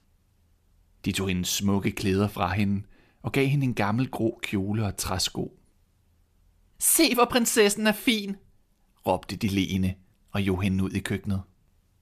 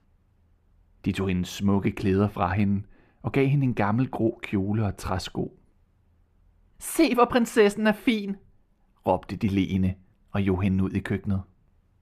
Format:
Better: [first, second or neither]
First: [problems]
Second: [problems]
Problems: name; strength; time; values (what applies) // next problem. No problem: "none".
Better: first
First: none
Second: muffled; slightly; fading above 3 kHz